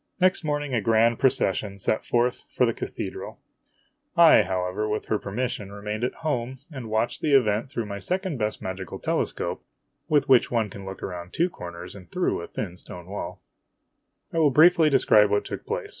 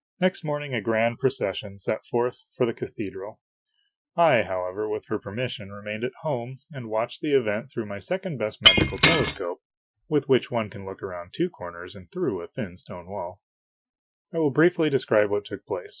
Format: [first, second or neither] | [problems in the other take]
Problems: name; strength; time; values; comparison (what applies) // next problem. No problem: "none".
first | noise reduction (classical method Wiener filter)